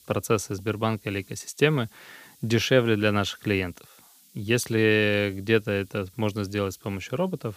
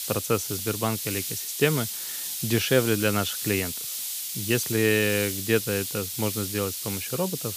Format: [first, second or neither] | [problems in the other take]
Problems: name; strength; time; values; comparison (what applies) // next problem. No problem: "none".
first | hiss; loud; throughout; 3 dB below the speech; faint in the first